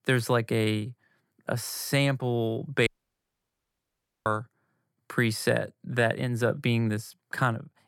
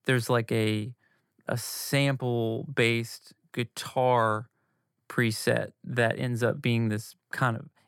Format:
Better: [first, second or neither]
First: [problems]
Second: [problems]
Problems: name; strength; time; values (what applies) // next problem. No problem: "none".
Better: second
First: audio cutting out; at 3 s for 1.5 s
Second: none